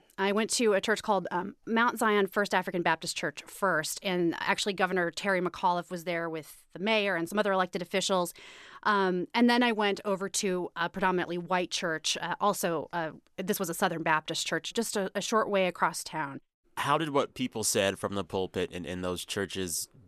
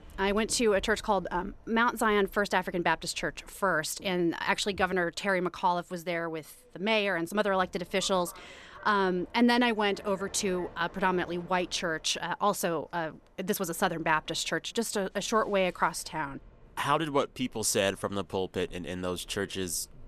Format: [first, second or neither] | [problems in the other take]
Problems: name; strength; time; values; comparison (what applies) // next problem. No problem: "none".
first | train or aircraft noise; faint; throughout; 25 dB below the speech